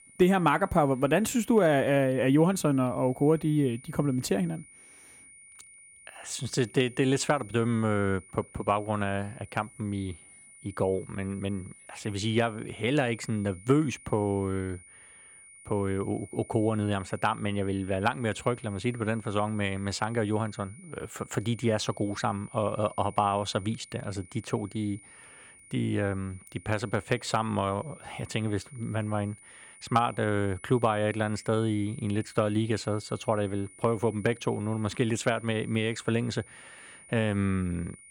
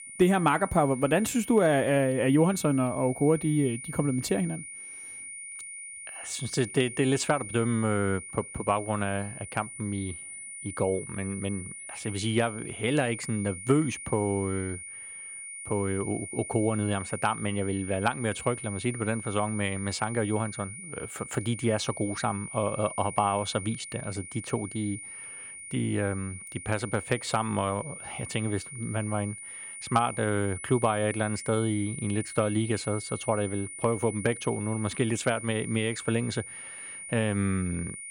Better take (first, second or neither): first